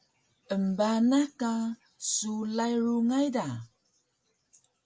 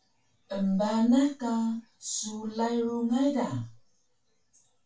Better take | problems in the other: first | room echo; dies away in 0.2 s

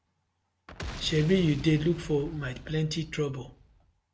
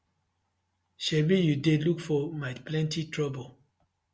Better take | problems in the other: second | background sound (Boom); 14 dB below the speech

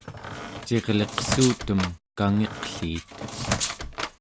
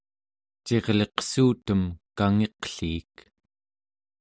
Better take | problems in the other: second | background sound (Squeak); 5 dB below the speech

